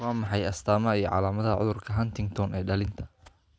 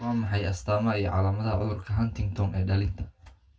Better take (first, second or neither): first